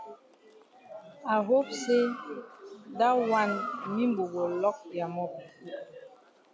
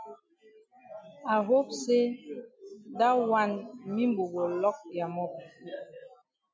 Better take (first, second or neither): second